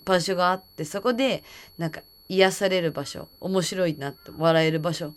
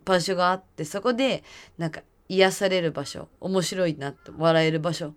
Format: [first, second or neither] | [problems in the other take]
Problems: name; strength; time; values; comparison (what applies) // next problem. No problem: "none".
second | high-pitched whine; faint; throughout; 4.5 kHz, 25 dB below the speech